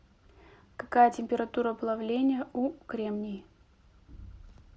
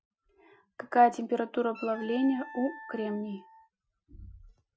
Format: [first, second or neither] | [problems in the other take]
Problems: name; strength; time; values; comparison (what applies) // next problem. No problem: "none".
first | noise reduction (classical method Wiener filter)